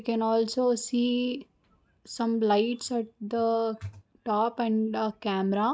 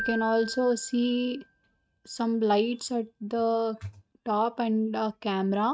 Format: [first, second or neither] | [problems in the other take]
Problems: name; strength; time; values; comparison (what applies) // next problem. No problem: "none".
first | noise reduction (neural mask model RNNoise)